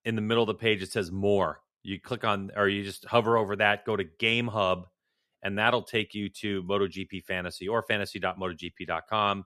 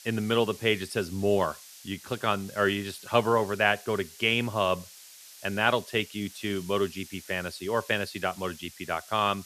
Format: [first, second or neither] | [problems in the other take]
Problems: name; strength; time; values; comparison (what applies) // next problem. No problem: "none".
first | hiss; noticeable; throughout; 20 dB below the speech